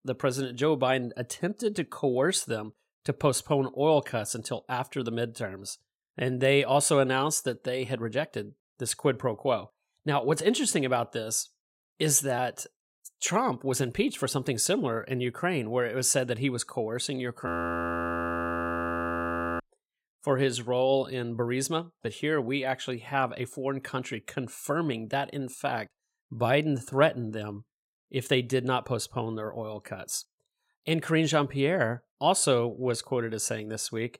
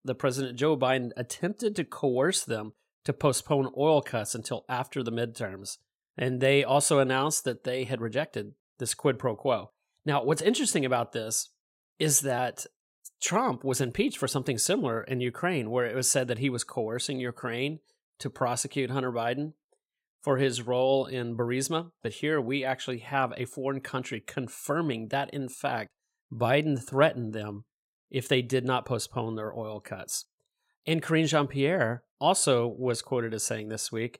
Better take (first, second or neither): second